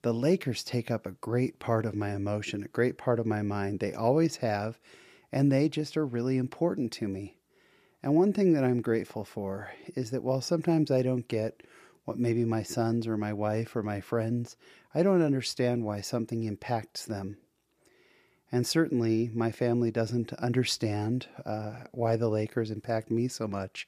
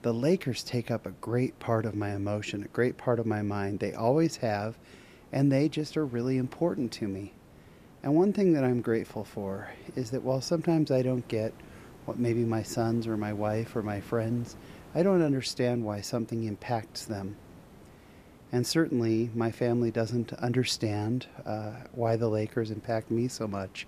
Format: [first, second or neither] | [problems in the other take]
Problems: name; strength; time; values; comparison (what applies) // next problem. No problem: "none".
first | hiss; faint; throughout; 25 dB below the speech